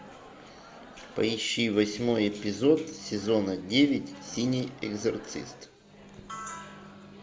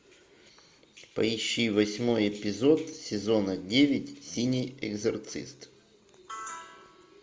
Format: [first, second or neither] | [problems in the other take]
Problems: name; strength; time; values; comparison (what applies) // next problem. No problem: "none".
second | background sound (Microwave oven); 19 dB below the speech